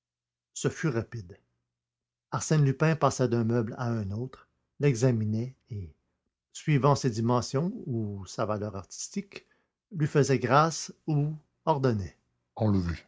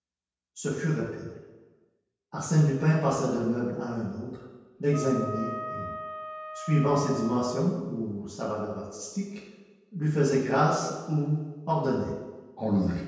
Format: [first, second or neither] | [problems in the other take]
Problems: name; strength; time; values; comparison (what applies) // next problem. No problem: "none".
first | background sound (Wind instrument, woodwind instrument); 9 dB below the speech // room echo; dies away in 1.2 s